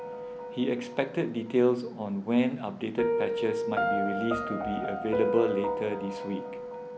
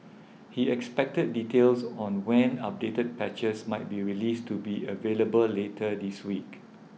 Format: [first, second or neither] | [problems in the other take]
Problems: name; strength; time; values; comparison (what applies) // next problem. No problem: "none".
second | background sound (Piano); 3 dB below the speech